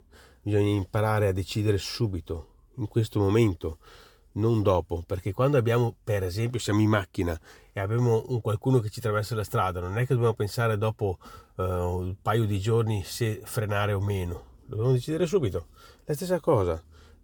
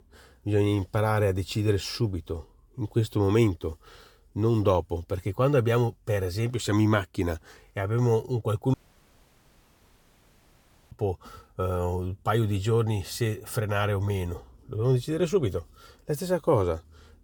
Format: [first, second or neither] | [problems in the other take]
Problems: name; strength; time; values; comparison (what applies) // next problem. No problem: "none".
first | audio cutting out; at 8.5 s for 2 s